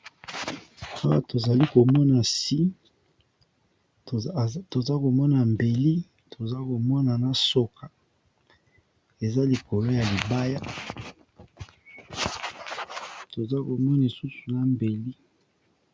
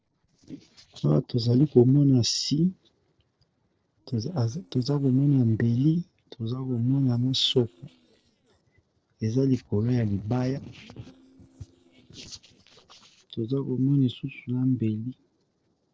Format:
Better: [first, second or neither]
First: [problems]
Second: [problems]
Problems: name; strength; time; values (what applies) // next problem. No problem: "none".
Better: first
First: none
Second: noise reduction (neural separator model SepFormer DNS4)